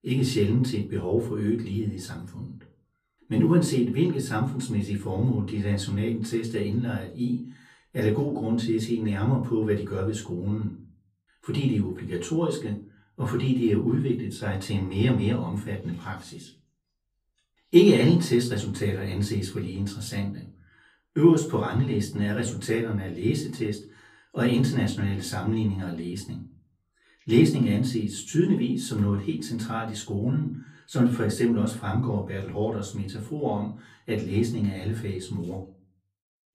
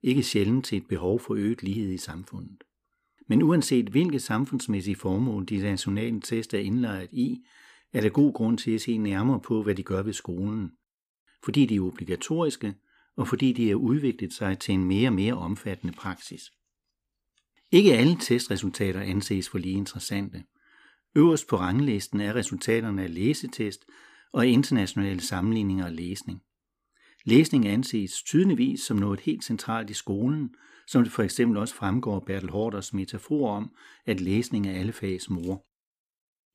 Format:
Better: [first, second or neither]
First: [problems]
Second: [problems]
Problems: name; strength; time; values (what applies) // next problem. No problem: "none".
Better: second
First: off-mic speech; far // room echo; slight; dies away in 0.3 s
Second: none